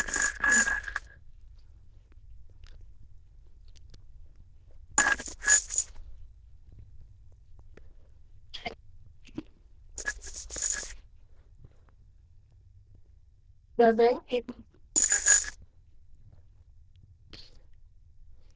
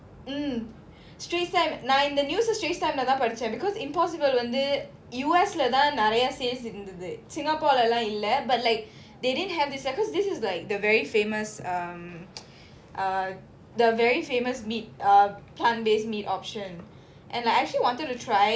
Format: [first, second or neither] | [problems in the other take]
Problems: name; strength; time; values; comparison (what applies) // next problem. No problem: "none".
second | noise reduction (neural diffusion model UNIVERSE++)